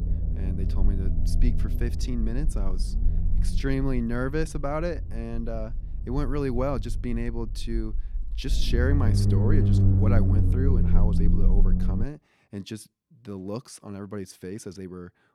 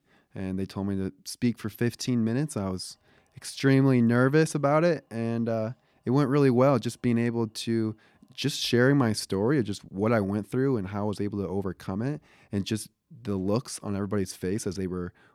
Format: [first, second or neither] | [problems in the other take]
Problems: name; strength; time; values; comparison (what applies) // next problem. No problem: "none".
second | low rumble; loud; until 12 s; 3 dB below the speech